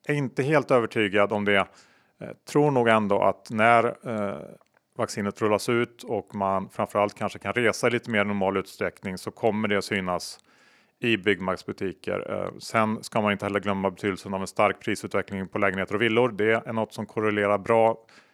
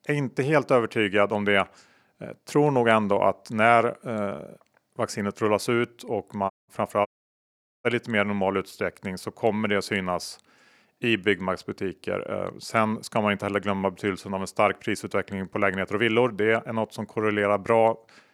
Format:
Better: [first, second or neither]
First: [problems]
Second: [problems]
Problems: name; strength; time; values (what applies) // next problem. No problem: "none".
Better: first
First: none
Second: audio cutting out; at 6.5 s and at 7 s for 1 s